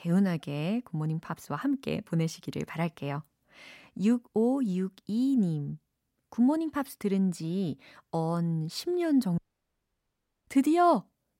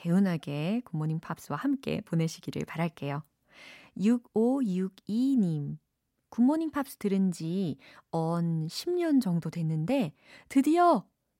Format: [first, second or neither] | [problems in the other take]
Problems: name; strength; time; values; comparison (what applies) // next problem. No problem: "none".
second | audio cutting out; at 9.5 s for 1 s